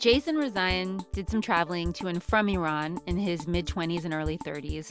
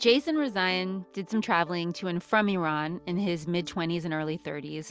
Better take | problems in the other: second | background sound (Drum kit); 10 dB below the speech

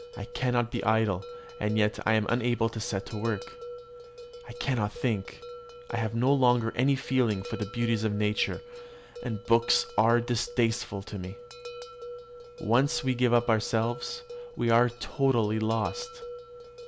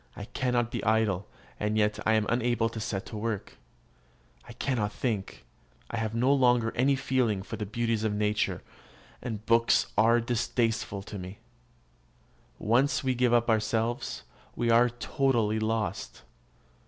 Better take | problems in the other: second | background sound (Bell); 15 dB below the speech

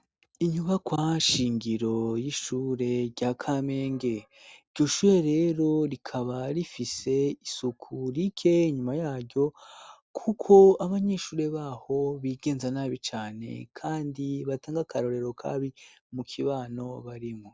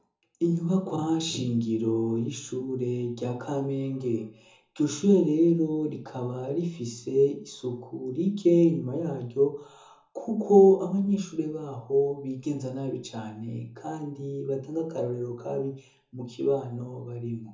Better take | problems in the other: first | room echo; dies away in 0.6 s

